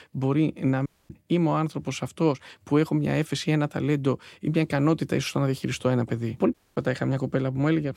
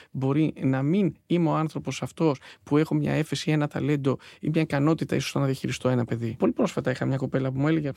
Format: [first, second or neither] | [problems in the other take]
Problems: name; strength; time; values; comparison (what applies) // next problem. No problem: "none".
second | audio cutting out; at 1 s and at 6.5 s